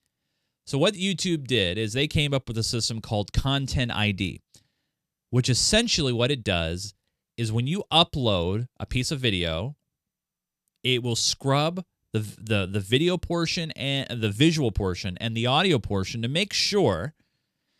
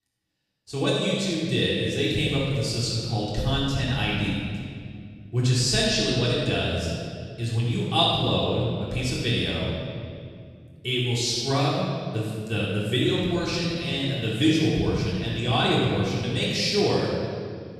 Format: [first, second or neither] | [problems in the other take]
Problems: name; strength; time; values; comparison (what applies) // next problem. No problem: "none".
first | off-mic speech; far // room echo; strong; dies away in 2 s